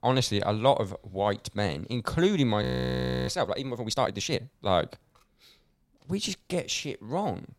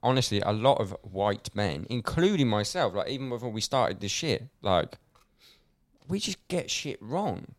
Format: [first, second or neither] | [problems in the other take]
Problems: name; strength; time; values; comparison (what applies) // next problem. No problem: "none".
second | audio freezing; at 2.5 s for 0.5 s